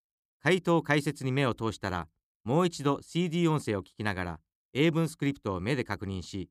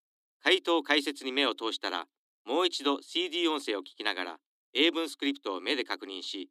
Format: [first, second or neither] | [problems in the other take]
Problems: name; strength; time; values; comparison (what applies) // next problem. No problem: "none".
first | thin; very slightly; fading below 250 Hz